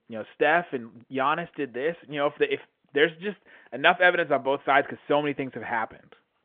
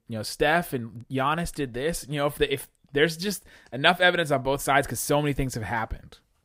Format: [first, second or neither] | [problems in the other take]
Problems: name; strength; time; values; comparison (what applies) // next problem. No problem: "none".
second | phone-call audio; nothing above 3.5 kHz